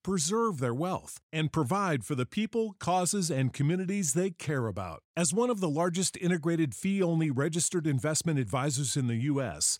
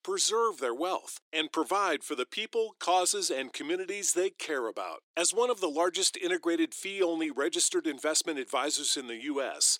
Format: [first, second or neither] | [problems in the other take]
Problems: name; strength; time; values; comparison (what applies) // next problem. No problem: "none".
first | thin; very; fading below 350 Hz